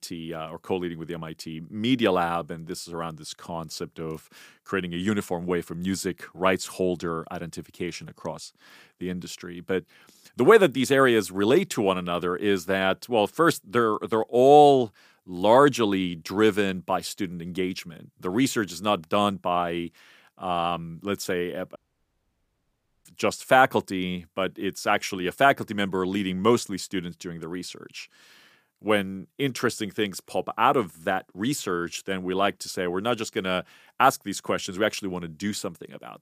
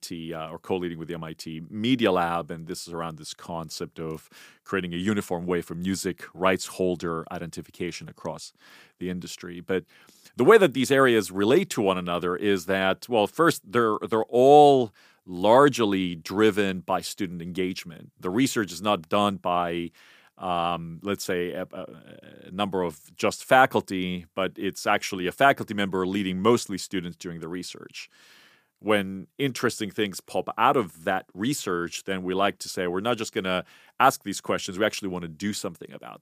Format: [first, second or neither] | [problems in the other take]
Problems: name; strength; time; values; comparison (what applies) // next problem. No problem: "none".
second | audio cutting out; at 22 s for 1.5 s